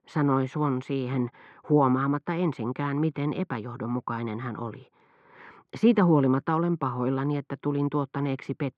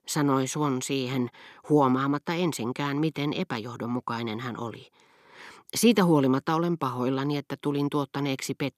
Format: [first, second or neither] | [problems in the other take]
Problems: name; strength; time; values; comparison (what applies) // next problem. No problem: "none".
second | muffled; very; fading above 1.5 kHz